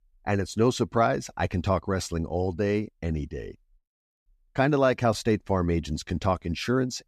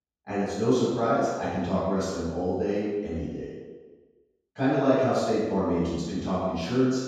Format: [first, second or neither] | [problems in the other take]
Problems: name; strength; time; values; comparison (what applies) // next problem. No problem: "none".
first | room echo; strong; dies away in 1.2 s // off-mic speech; far